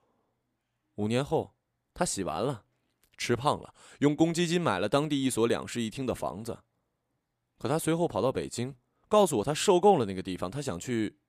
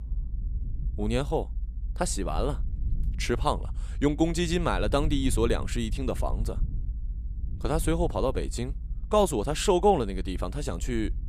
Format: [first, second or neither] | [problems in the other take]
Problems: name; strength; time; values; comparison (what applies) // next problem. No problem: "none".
first | low rumble; faint; throughout; 25 dB below the speech